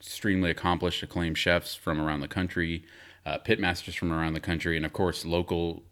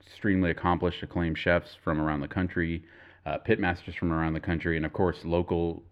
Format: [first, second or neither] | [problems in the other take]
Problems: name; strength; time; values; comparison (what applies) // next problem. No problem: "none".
first | muffled; very; fading above 4 kHz